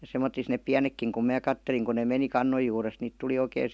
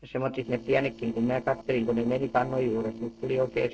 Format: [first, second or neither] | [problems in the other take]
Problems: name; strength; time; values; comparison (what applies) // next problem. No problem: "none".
first | noise reduction (neural separator model SepFormer DNS4)